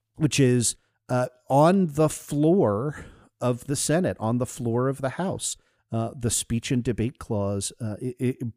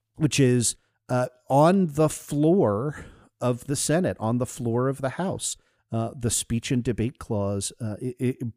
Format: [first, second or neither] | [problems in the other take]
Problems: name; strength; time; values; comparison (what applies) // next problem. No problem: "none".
neither | none